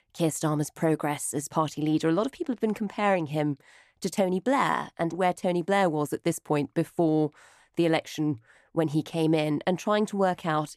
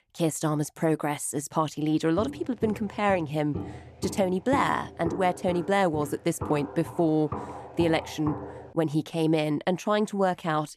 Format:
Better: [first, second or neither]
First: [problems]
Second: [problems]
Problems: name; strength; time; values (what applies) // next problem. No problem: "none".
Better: first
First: none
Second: footsteps; noticeable; from 2 to 8.5 s; peak 8 dB below the speech